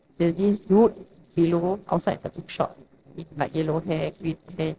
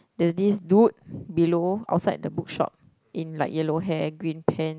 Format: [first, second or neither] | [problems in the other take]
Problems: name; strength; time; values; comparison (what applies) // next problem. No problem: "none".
second | noise reduction (neural separator model SepFormer DNS4)